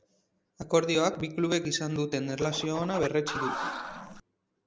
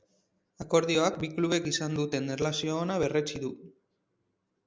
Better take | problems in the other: second | background sound (Scratching (performance technique)); 7 dB below the speech

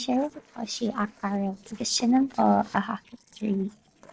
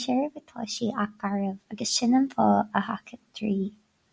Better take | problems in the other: second | noise reduction (neural separator model SepFormer DNS4)

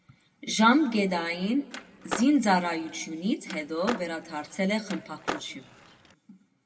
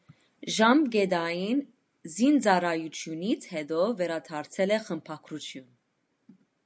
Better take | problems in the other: second | background sound (Skateboard); 11 dB below the speech // room echo; dies away in 1.1 s

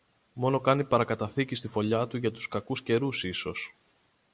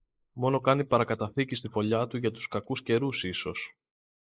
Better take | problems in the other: first | noise reduction (neural mask model Resemble Enhance denoiser)

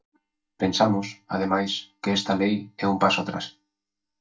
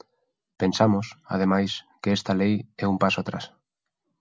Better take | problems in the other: second | noise reduction (neural mask model DeepFilterNet 3)

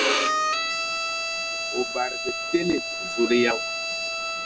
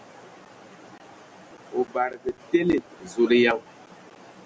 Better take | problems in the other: second | background sound (Bowed string instrument); 1 dB above the speech

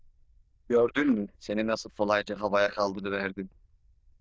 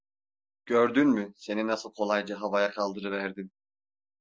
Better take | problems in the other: second | noise reduction (neural diffusion model UNIVERSE++)

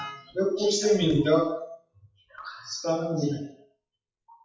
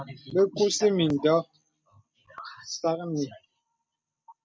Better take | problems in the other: second | noise reduction (classical method WPE with log-MMSE)

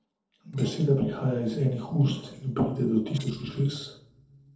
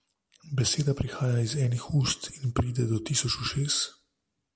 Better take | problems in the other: second | noise reduction (neural separator model SepFormer DNS4)

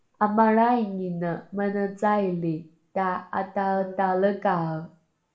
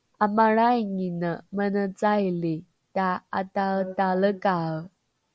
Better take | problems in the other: second | room echo; dies away in 0.4 s

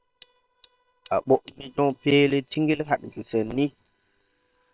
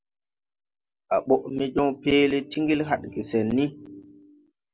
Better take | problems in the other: second | noise reduction (neural separator model SepFormer WHAM!)

